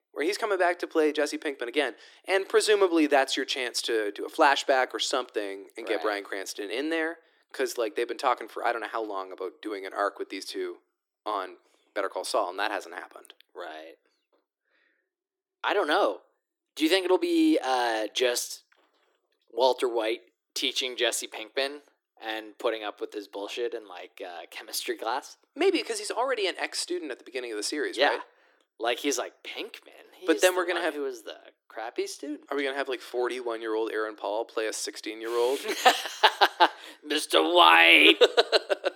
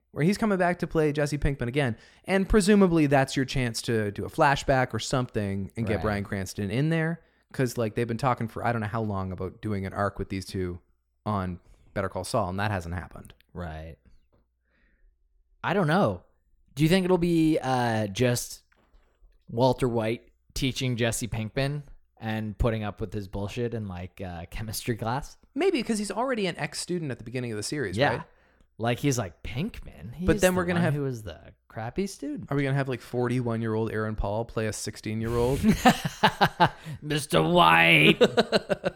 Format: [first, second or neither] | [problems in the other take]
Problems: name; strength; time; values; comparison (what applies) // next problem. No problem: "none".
second | thin; very; fading below 300 Hz